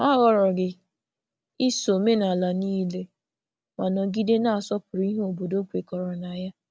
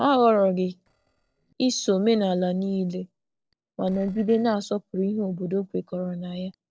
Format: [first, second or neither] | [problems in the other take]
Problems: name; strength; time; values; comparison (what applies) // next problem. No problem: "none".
first | noise reduction (neural separator model SepFormer DNS4)